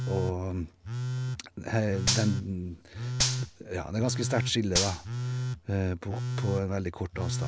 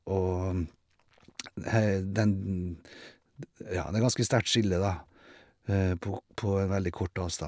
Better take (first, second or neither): second